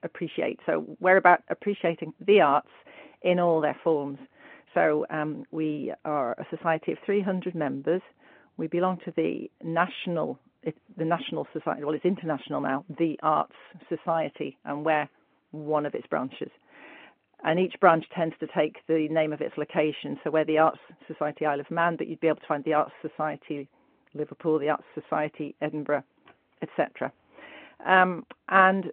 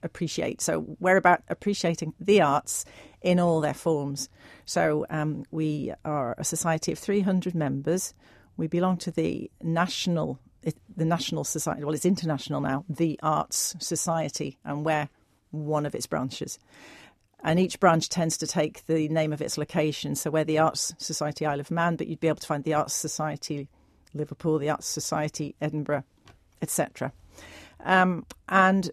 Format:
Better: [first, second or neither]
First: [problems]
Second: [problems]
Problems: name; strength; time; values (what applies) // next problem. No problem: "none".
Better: second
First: phone-call audio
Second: none